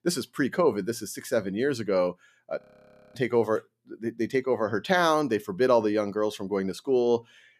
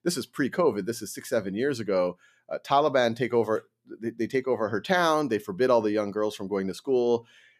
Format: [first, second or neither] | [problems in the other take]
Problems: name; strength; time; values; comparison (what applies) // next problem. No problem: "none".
second | audio freezing; at 2.5 s for 0.5 s